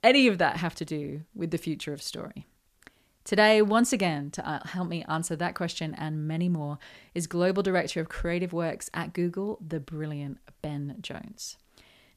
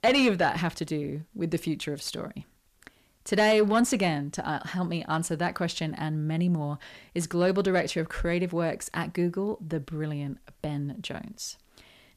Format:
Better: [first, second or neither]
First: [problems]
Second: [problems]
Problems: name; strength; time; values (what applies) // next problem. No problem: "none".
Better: first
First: none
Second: distortion; slight; 10 dB below the speech